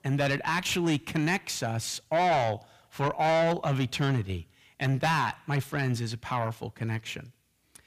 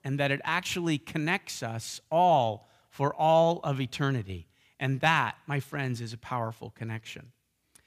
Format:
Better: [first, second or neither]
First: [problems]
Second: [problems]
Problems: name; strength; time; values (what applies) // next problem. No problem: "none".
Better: second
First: distortion; heavy; 7 dB below the speech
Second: none